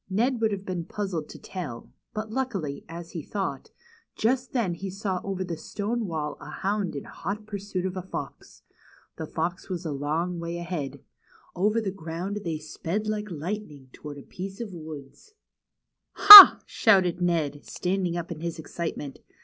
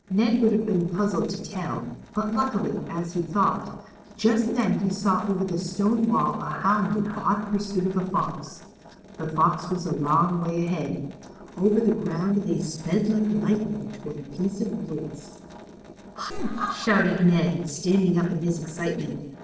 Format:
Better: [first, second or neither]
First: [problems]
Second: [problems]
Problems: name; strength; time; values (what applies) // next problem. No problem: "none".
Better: first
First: none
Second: noise reduction (neural separator model SepFormer DNS4)